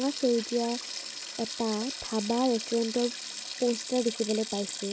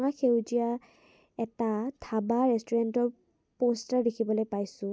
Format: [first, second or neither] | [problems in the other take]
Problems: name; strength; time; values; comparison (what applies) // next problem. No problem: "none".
second | background sound (Sink (filling or washing)); 8 dB below the speech